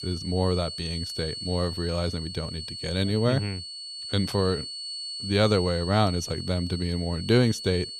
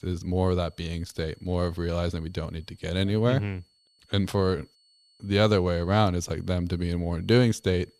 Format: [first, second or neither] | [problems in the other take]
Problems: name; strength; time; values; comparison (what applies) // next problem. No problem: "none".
second | high-pitched whine; loud; throughout; 4.5 kHz, 7 dB below the speech; faint in the second